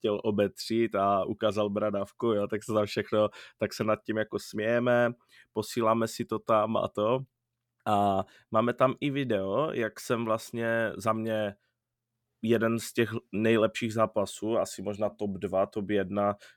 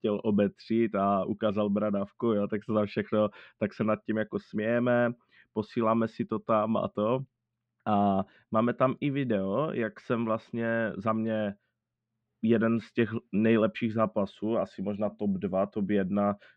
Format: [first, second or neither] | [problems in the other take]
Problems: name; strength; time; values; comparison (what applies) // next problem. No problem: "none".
first | muffled; slightly; fading above 3 kHz